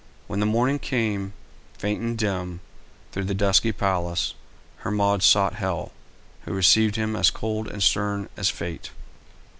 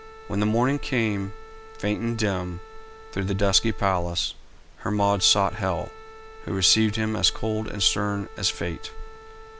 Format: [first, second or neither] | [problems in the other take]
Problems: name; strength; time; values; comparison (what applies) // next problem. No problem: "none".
first | background sound (Wind instrument, woodwind instrument); 20 dB below the speech